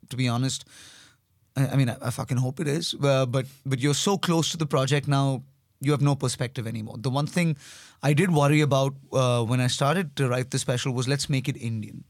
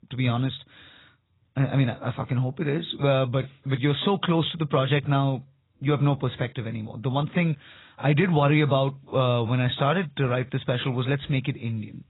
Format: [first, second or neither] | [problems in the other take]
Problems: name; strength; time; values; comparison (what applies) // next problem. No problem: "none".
first | garbled, watery; badly; nothing above 4 kHz